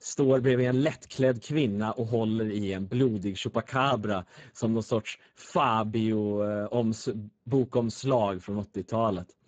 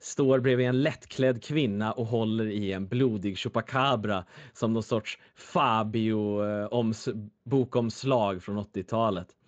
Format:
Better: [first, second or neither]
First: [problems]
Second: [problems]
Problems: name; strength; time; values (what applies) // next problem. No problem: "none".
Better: second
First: garbled, watery; badly; nothing above 7.5 kHz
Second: garbled, watery; slightly; nothing above 7.5 kHz